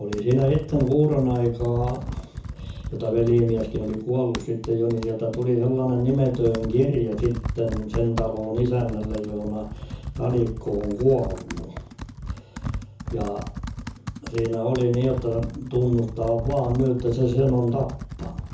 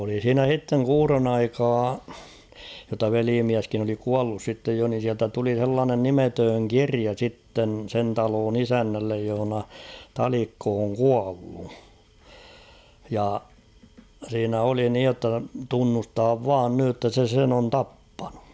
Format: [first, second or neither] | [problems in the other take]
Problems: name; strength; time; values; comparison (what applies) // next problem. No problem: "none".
second | background sound (Computer keyboard); 10 dB below the speech // room echo; dies away in 0.5 s